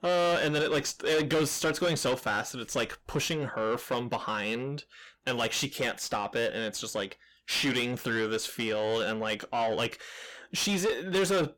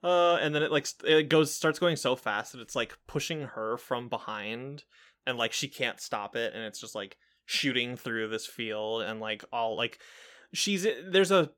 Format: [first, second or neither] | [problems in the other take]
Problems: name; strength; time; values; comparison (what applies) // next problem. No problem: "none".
second | distortion; heavy; 6 dB below the speech